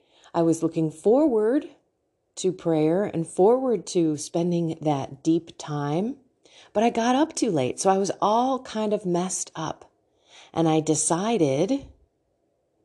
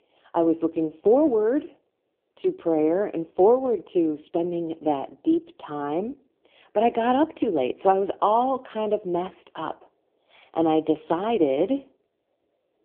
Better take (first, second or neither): first